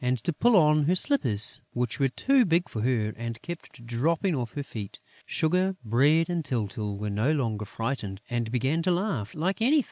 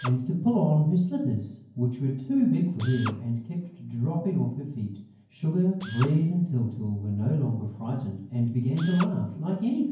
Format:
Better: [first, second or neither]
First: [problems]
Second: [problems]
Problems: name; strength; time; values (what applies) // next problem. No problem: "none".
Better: first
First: none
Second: background sound (Drill); 20 dB below the speech // room echo; dies away in 0.9 s